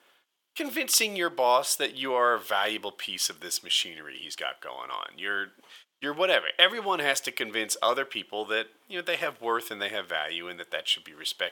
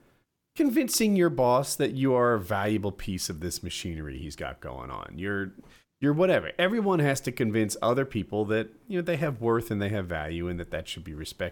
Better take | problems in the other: second | thin; very; fading below 700 Hz

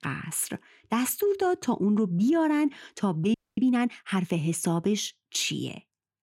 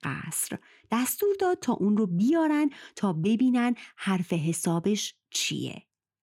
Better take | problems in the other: second | audio freezing; at 3.5 s

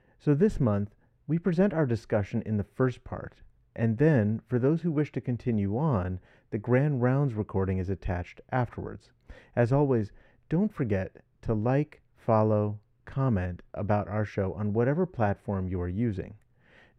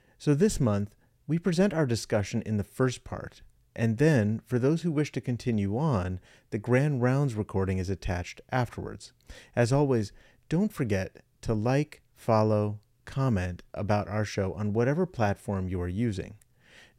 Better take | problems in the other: second | muffled; very; fading above 3 kHz

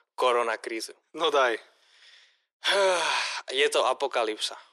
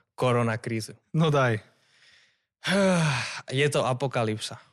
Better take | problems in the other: second | thin; very; fading below 350 Hz

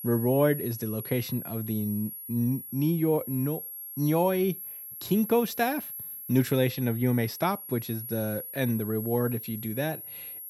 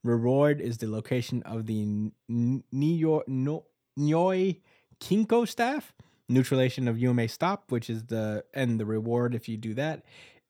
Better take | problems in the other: second | high-pitched whine; loud; throughout; 11.5 kHz, 9 dB below the speech

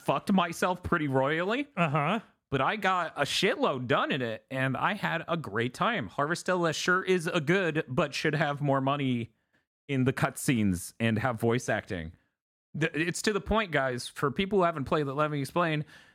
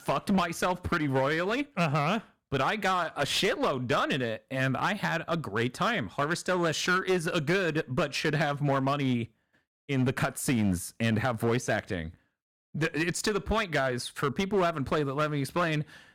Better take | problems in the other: first | distortion; slight; 9% of the sound clipped

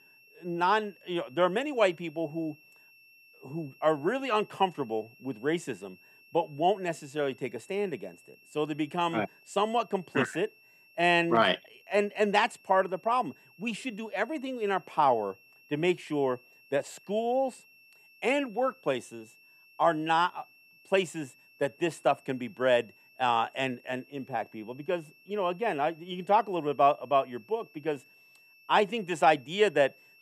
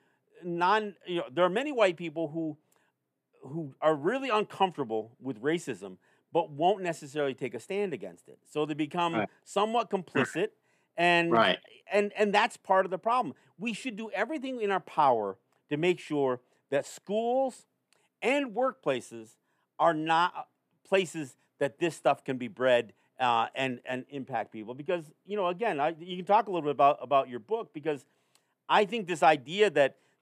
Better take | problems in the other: second | high-pitched whine; faint; throughout; 2.5 kHz, 25 dB below the speech

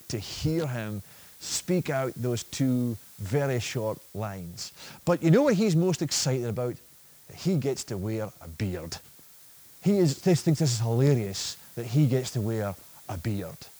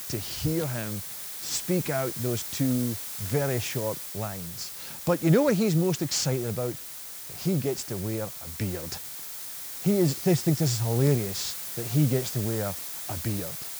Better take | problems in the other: first | hiss; loud; throughout; 6 dB below the speech; faint in the first

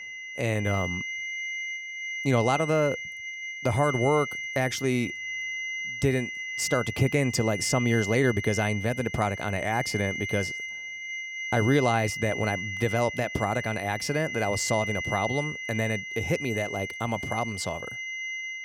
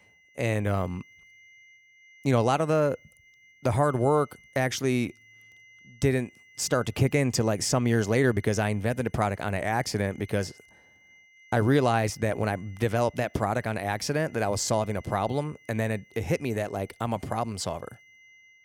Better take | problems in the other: second | high-pitched whine; loud; throughout; 2 kHz, 5 dB below the speech; faint in the second

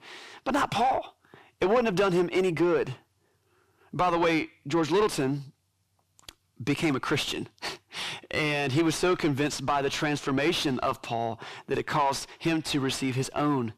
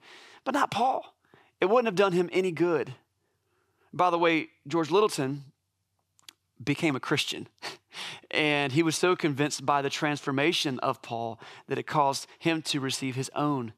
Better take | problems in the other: second | distortion; heavy; 6 dB below the speech

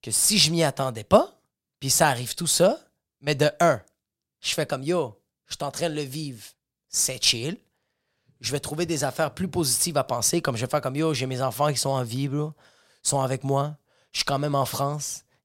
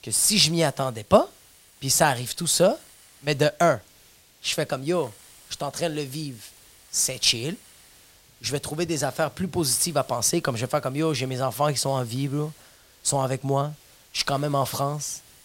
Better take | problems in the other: first | hiss; faint; throughout; 25 dB below the speech

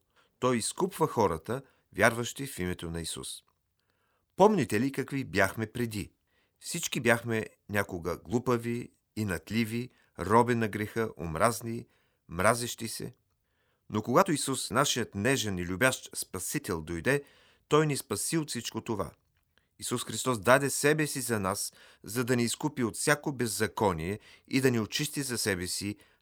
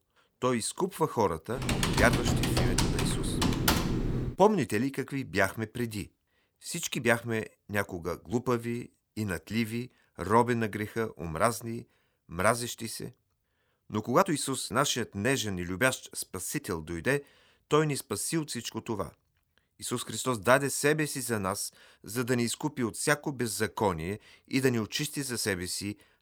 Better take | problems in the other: first | keyboard typing; loud; from 1.5 to 4.5 s; peak 4 dB above the speech

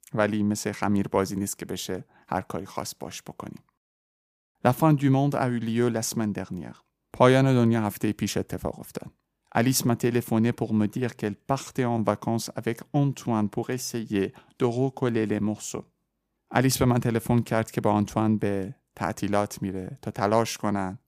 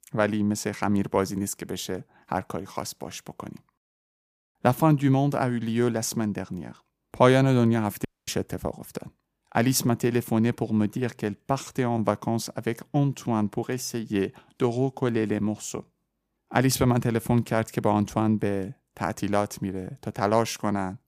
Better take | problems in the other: first | audio cutting out; at 8 s

